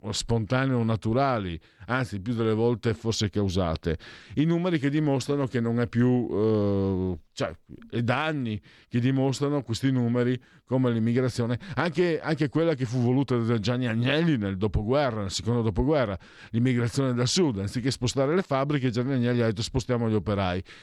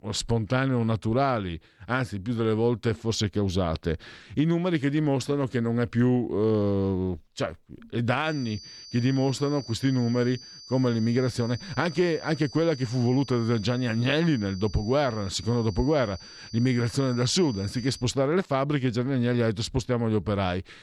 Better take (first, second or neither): first